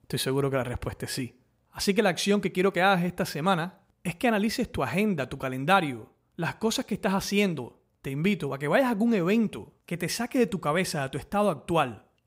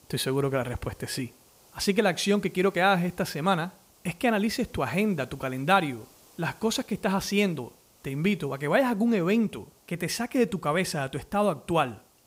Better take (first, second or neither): first